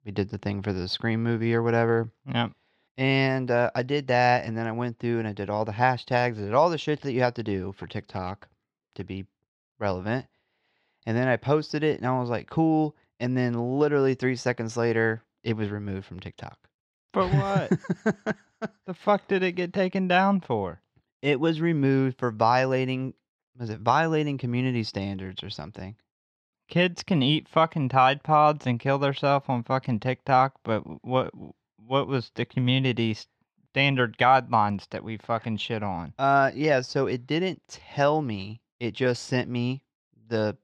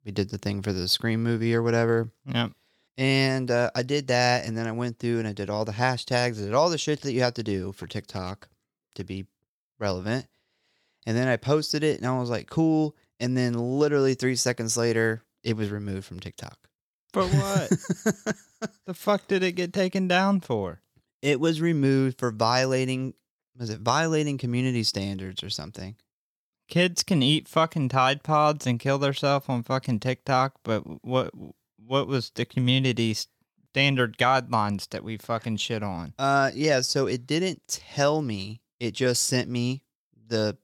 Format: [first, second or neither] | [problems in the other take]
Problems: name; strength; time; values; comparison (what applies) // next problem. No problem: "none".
second | muffled; slightly; fading above 2.5 kHz